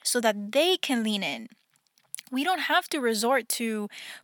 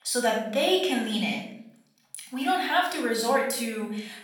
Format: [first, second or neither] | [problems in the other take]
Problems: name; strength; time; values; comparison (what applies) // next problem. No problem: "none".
first | off-mic speech; far // room echo; noticeable; dies away in 0.6 s